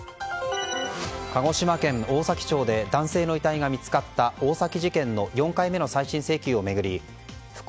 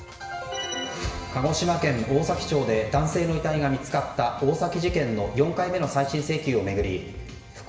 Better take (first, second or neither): first